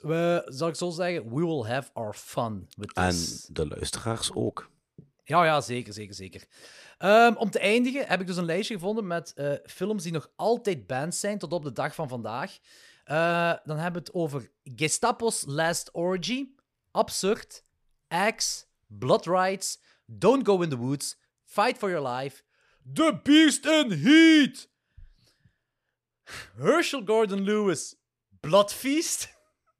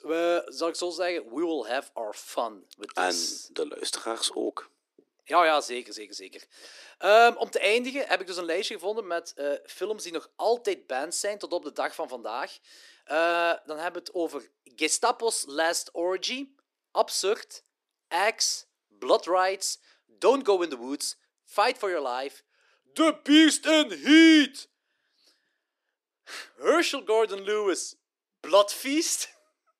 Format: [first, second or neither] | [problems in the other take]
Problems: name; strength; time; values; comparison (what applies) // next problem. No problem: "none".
first | thin; very slightly; fading below 300 Hz